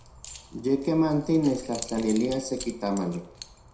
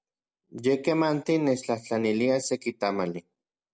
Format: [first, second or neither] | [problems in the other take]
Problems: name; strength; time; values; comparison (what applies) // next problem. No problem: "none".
second | background sound (Keys jangling); 16 dB below the speech // room echo; dies away in 0.5 s